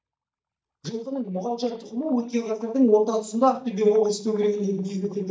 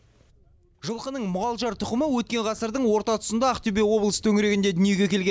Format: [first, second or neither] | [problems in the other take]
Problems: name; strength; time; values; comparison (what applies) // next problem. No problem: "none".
second | noise reduction (neural mask model DeepFilterNet 3)